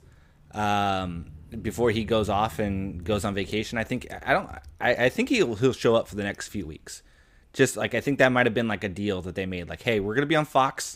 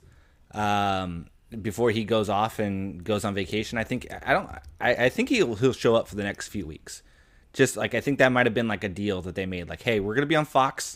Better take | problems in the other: second | rain or running water; noticeable; until 3.5 s; 15 dB below the speech

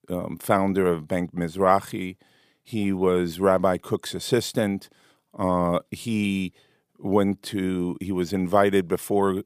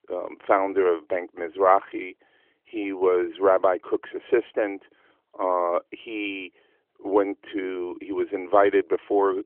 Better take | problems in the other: first | phone-call audio; nothing above 3 kHz

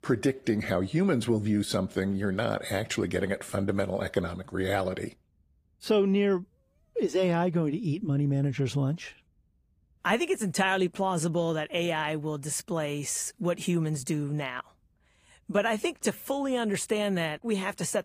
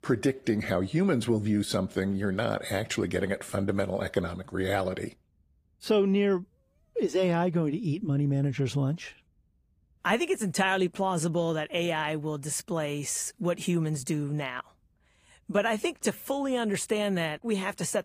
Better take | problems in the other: neither | garbled, watery; slightly; nothing above 15 kHz; the same in both

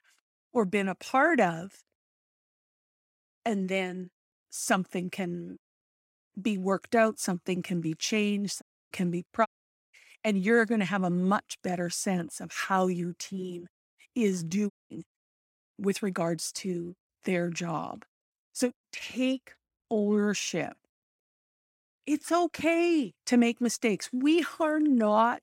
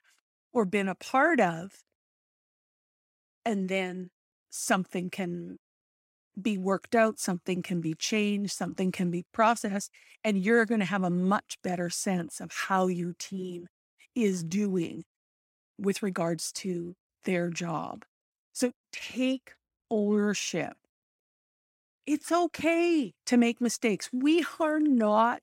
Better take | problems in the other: second | audio cutting out; at 8.5 s, at 9.5 s and at 15 s

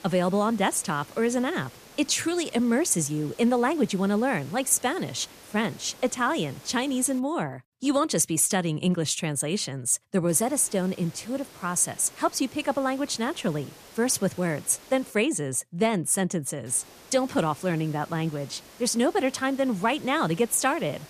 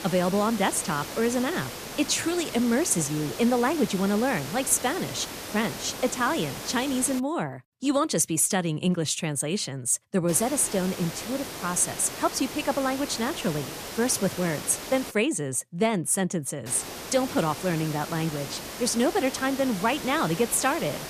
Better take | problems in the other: first | hiss; loud; until 7 s, from 10 to 15 s and from 17 s on; 10 dB below the speech; faint in the first

